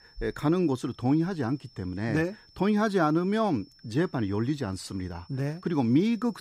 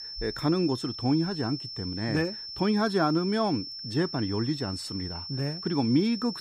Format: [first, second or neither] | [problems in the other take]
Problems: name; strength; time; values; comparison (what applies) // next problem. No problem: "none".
first | high-pitched whine; loud; throughout; 5.5 kHz, 8 dB below the speech; faint in the first